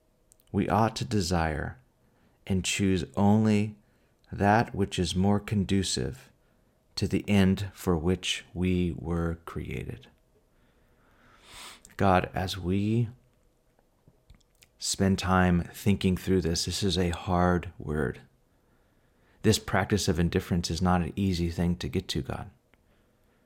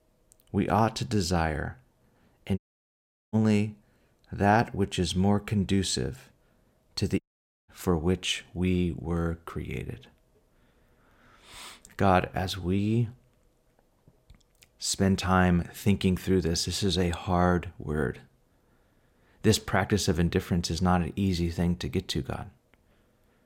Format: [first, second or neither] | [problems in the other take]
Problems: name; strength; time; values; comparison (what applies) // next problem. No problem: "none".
first | audio cutting out; at 2.5 s for 0.5 s and at 7 s